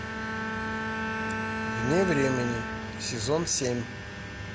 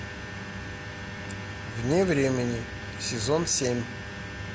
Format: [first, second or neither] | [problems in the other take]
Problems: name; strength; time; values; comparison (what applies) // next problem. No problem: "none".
second | background sound (Bowed string instrument); 4 dB below the speech